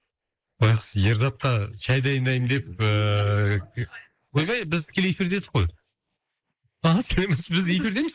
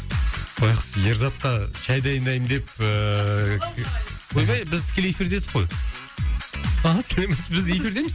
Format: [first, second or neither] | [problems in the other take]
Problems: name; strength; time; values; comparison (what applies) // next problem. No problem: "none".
second | noise reduction (neural mask model Resemble Enhance denoiser)